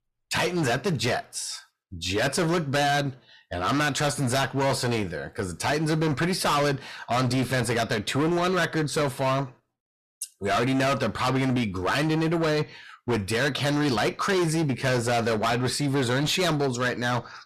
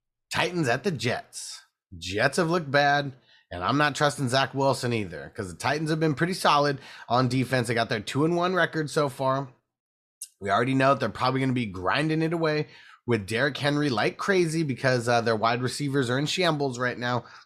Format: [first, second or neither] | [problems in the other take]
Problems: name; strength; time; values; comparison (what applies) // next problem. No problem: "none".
second | distortion; heavy; 20% of the sound clipped